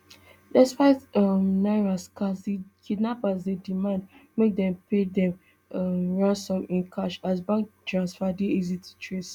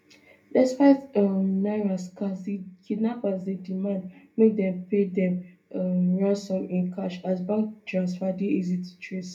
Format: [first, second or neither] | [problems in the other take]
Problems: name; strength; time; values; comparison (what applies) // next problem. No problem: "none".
first | room echo; dies away in 0.3 s